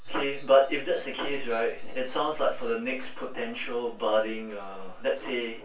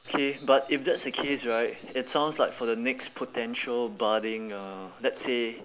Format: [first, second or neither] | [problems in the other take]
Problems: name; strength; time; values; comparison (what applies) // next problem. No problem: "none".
second | room echo; dies away in 0.2 s